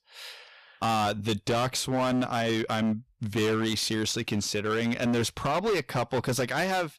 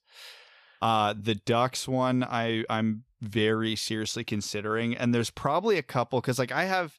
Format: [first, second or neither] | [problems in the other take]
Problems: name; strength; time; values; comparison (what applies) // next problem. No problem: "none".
second | distortion; heavy; 18% of the sound clipped